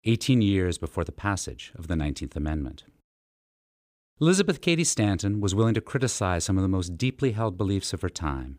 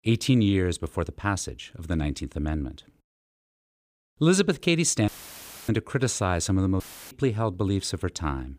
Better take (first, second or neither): first